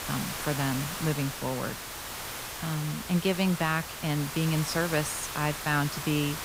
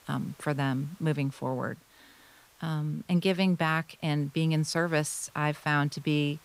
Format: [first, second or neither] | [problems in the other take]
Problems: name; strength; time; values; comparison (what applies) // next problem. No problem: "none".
second | hiss; loud; throughout; 5 dB below the speech; faint in the second